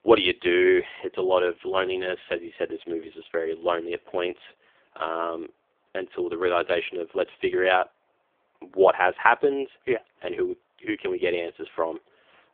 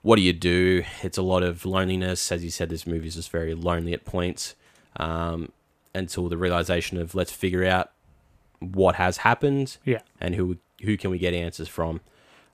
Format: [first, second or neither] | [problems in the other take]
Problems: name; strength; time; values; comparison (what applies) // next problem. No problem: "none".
second | phone-call audio; poor line; nothing above 3.5 kHz